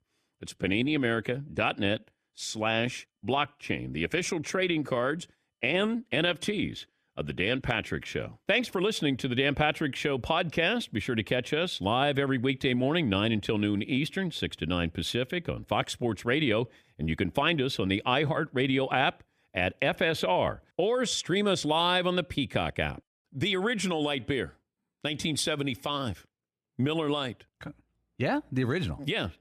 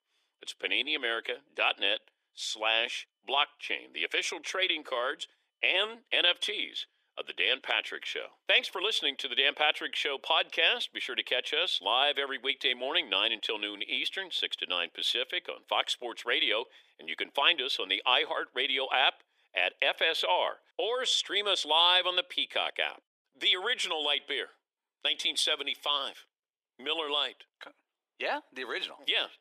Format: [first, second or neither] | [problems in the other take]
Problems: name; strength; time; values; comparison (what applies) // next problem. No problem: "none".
first | thin; very; fading below 400 Hz